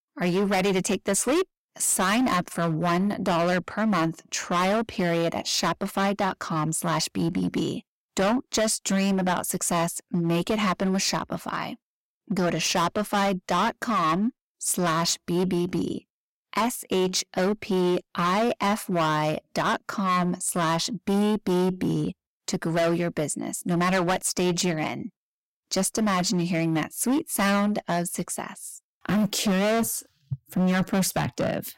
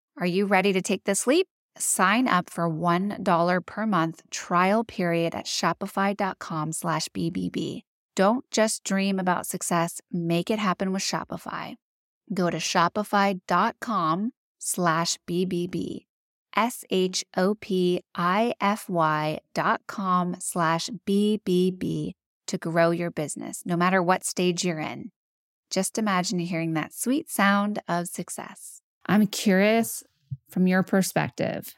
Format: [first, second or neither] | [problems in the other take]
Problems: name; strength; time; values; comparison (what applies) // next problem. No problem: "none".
second | distortion; heavy; 15% of the sound clipped